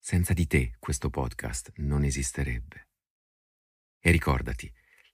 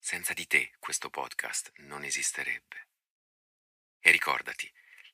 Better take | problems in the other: first | thin; very; fading below 800 Hz

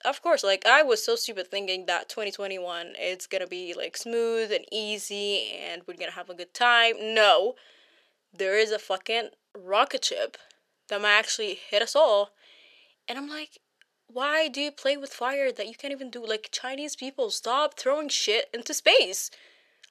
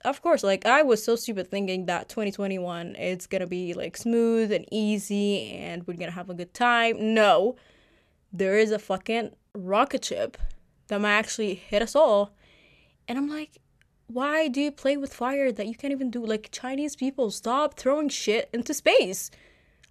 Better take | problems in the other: second | thin; somewhat; fading below 400 Hz

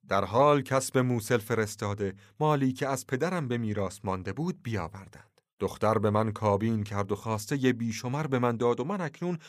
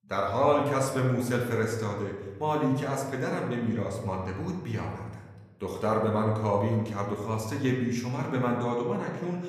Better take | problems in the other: first | room echo; noticeable; dies away in 1.1 s // off-mic speech; somewhat distant

